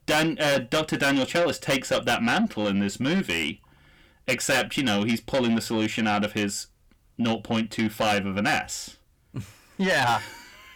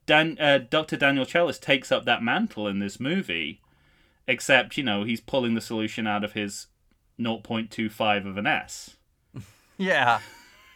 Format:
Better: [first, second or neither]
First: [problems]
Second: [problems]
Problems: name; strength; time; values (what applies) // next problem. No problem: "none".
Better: second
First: distortion; heavy; 6 dB below the speech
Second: none